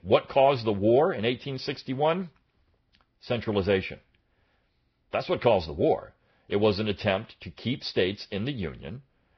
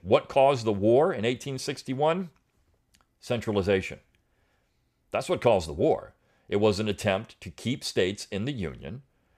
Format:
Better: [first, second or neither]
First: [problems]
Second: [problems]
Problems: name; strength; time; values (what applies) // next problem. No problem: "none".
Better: second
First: garbled, watery; badly; nothing above 5 kHz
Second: none